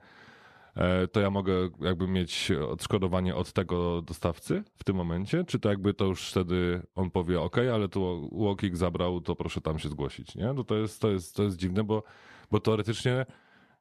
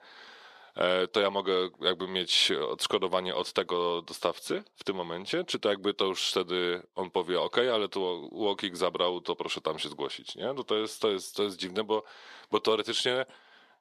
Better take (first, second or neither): first